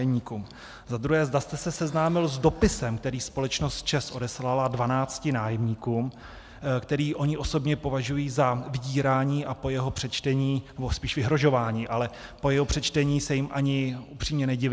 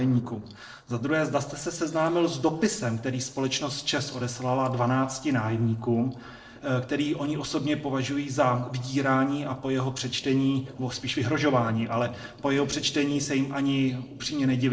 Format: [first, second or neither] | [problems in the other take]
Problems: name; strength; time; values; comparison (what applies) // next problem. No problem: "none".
first | noise reduction (neural separator model SepFormer DNS4)